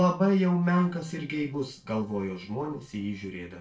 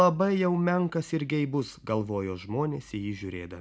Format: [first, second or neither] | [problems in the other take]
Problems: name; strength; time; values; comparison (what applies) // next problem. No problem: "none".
second | noise reduction (neural separator model SepFormer DNS4)